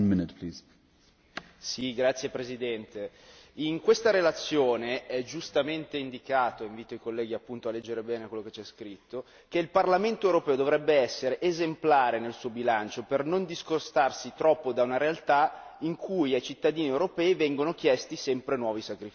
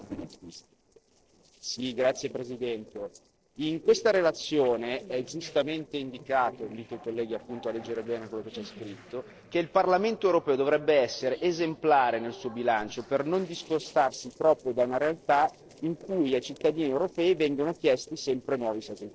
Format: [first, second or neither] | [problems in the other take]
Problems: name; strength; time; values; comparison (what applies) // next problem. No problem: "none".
first | noise reduction (neural separator model SepFormer DNS4)